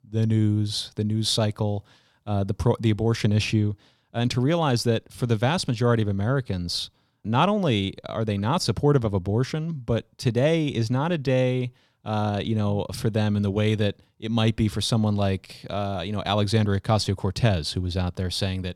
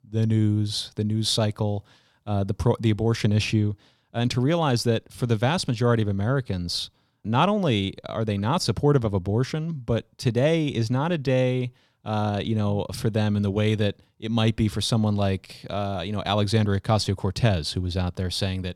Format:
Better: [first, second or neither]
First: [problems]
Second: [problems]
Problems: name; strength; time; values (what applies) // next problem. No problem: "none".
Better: neither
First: none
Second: none